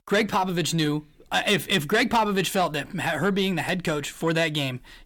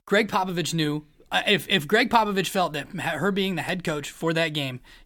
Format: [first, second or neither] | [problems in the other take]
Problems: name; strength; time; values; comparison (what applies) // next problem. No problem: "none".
second | distortion; slight; 10 dB below the speech